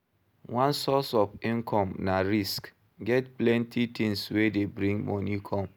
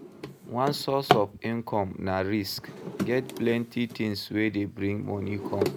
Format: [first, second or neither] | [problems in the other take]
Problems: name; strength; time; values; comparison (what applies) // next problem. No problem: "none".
first | background sound (Drawer open or close); 5 dB below the speech